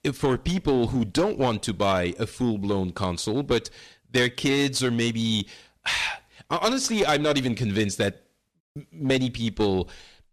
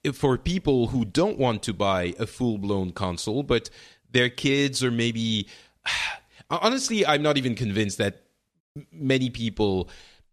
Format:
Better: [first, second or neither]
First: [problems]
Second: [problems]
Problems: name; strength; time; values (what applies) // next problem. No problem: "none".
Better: second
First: distortion; slight; 6% of the sound clipped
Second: none